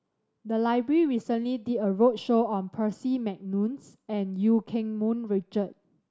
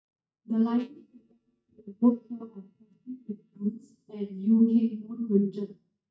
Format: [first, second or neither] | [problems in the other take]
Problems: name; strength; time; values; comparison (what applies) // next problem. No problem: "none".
first | noise reduction (neural mask model DeepFilterNet 3)